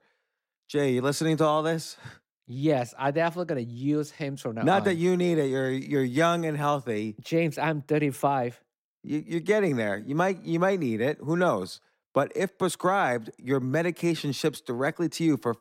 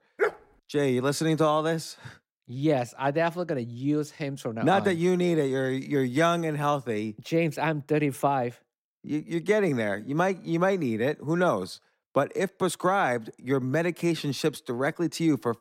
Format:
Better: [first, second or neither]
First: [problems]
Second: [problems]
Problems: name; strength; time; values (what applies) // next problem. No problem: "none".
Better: first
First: none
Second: dog barking; noticeable; at the start; peak 2 dB below the speech